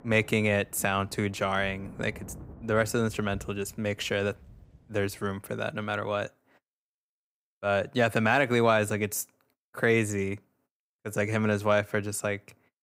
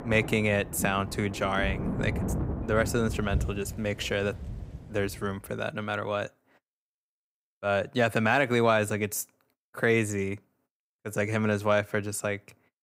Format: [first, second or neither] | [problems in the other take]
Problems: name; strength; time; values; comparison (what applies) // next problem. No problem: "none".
first | rain or running water; loud; until 5 s; 7 dB below the speech; faint in the first